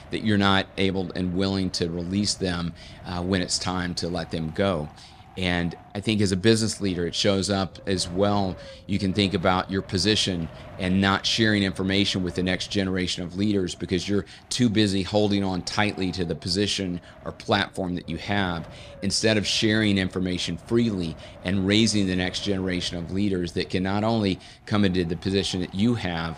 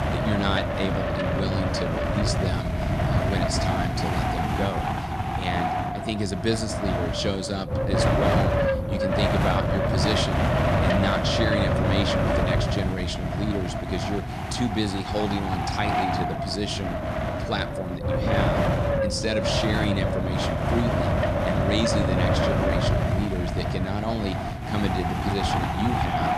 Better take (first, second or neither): first